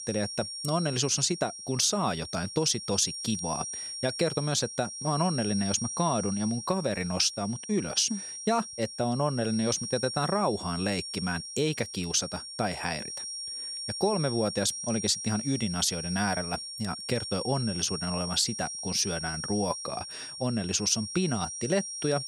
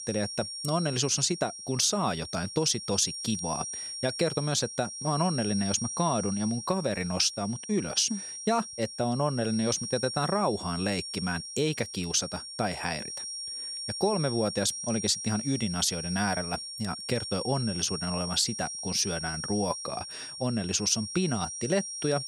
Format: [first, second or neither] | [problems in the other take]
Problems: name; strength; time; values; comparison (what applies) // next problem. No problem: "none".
neither | high-pitched whine; loud; throughout; 5.5 kHz, 6 dB below the speech; the same in both